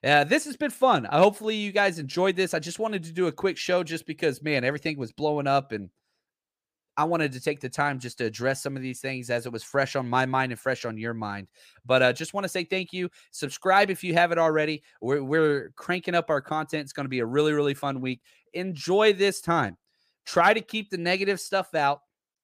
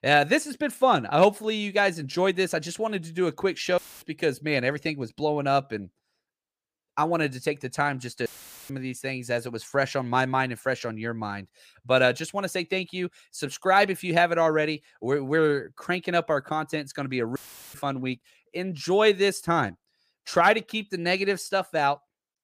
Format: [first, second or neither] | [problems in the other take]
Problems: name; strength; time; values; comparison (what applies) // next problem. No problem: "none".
first | audio cutting out; filled with static; at 4 s, at 8.5 s and at 17 s